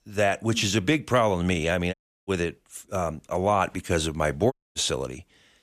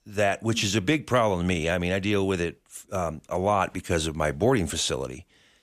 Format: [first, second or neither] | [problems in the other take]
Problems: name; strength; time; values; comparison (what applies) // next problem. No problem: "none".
second | audio cutting out; at 2 s and at 4.5 s